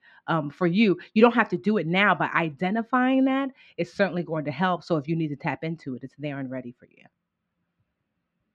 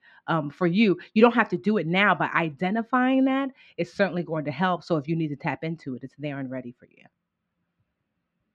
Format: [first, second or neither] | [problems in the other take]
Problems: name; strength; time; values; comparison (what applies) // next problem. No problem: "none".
neither | muffled; slightly; fading above 2.5 kHz; the same in both